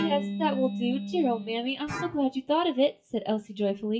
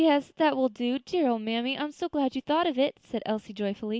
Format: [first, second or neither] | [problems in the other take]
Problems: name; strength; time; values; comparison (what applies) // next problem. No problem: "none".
second | noise reduction (classical method WPE with log-MMSE)